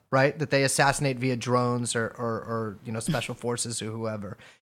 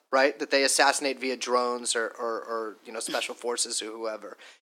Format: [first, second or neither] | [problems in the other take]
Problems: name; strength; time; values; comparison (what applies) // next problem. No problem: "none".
first | thin; somewhat; fading below 300 Hz